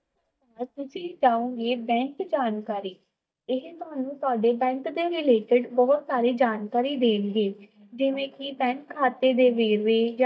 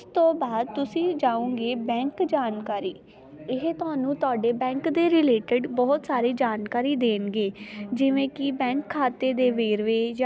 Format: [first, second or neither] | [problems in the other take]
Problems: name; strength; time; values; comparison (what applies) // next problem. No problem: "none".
second | noise reduction (neural mask model DeepFilterNet 3)